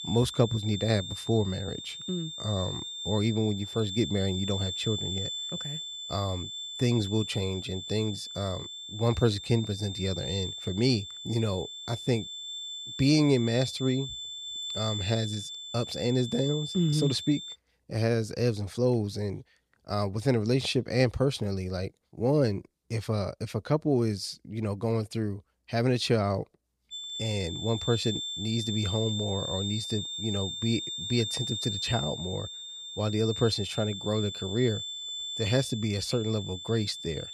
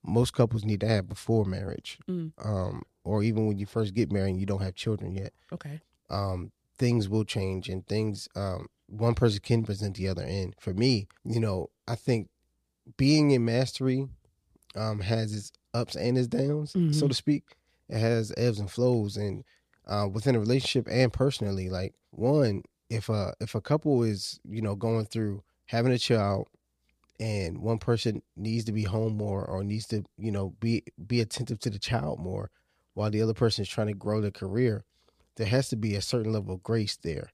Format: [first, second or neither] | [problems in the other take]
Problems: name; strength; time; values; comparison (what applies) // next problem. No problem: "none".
second | high-pitched whine; loud; until 18 s and from 27 s on; 3.5 kHz, 6 dB below the speech